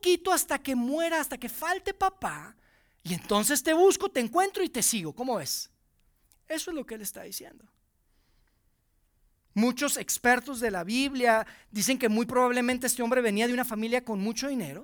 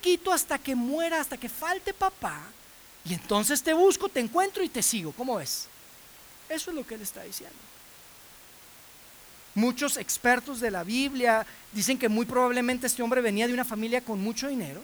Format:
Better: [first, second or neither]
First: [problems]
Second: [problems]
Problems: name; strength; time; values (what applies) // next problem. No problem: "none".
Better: first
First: none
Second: hiss; faint; throughout; 20 dB below the speech